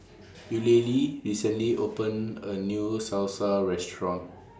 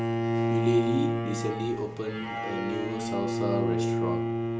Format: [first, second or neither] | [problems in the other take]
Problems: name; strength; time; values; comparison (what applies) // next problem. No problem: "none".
first | background sound (Bowed string instrument); 3 dB above the speech